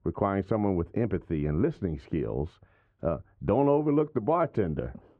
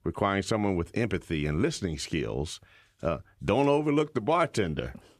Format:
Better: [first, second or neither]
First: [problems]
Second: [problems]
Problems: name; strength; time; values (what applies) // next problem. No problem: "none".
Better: second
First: muffled; very; fading above 3 kHz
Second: none